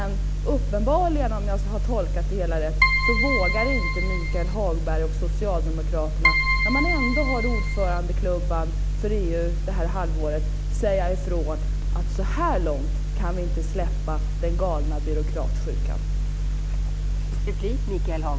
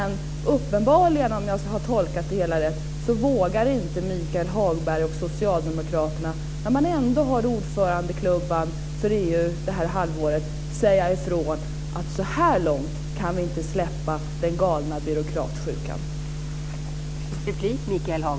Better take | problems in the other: second | background sound (Keyboard (musical) + Mechanical fan); 5 dB above the speech

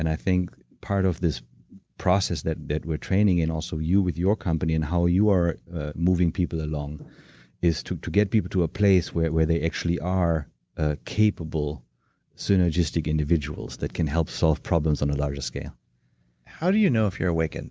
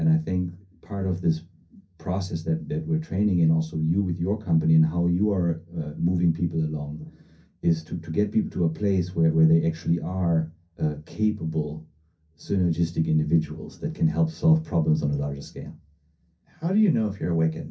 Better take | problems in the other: first | room echo; dies away in 0.3 s

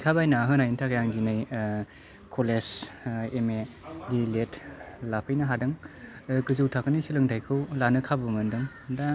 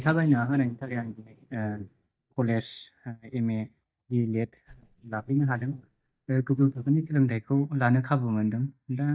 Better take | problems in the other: first | noise reduction (neural mask model DeepFilterNet 3)

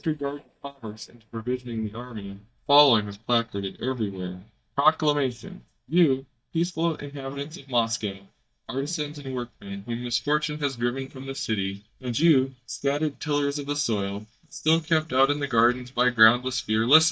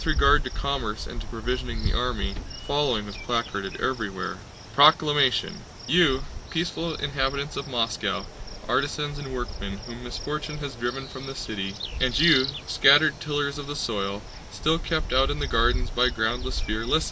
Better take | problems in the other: second | noise reduction (neural mask model DeepFilterNet 3)

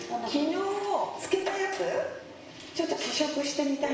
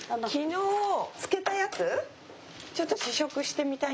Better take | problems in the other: second | background sound (Piano); 18 dB below the speech // room echo; dies away in 0.9 s

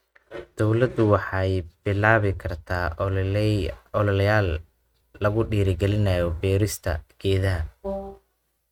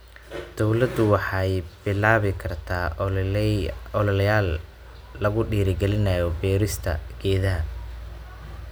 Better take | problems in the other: second | noise reduction (neural mask model RNNoise)

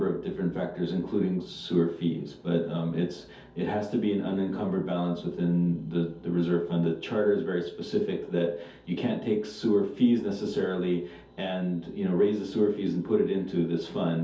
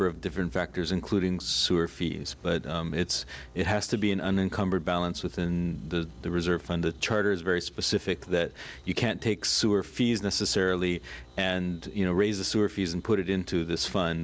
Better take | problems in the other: second | room echo; dies away in 0.5 s

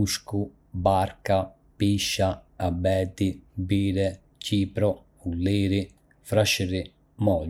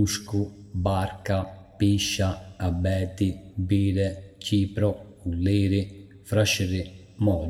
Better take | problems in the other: first | room echo; dies away in 0.9 s

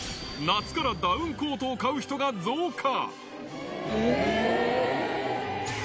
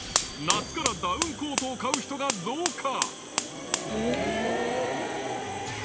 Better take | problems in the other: first | background sound (Fire); 3 dB below the speech

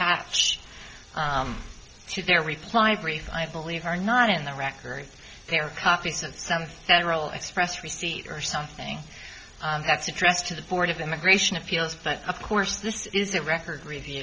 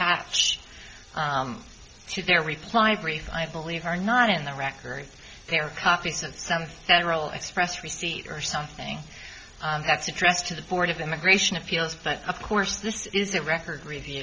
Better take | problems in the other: second | background sound (Breathing); 15 dB below the speech

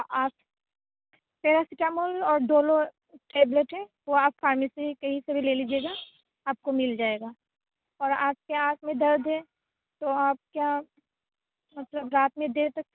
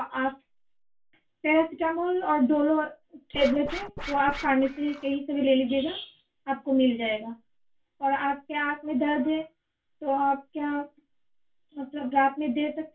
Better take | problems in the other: first | background sound (Scratching (performance technique)); 11 dB below the speech // room echo; dies away in 0.2 s

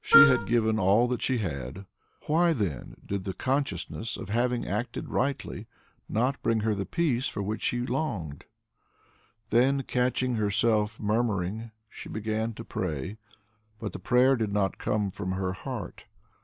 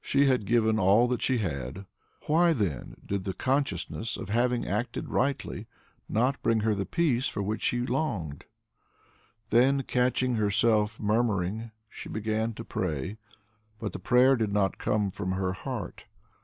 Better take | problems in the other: second | background sound (Wind instrument, woodwind instrument); 4 dB above the speech

